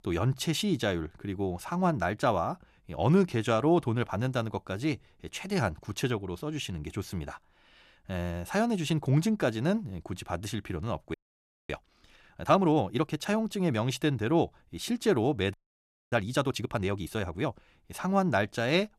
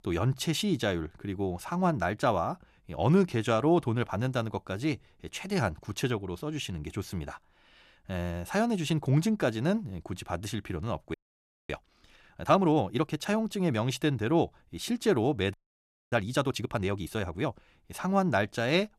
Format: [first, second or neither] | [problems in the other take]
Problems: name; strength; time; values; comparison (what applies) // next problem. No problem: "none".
neither | audio freezing; at 11 s for 0.5 s and at 16 s for 0.5 s; the same in both